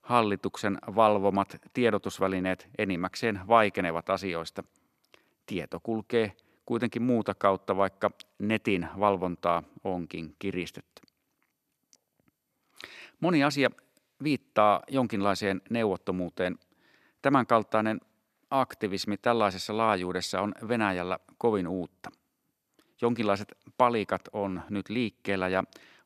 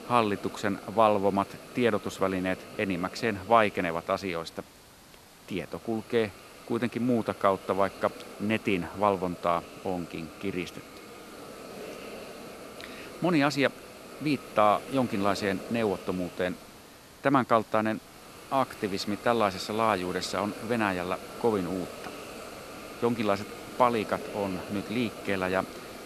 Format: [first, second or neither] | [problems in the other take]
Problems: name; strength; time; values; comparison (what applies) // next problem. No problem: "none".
first | hiss; noticeable; throughout; 15 dB below the speech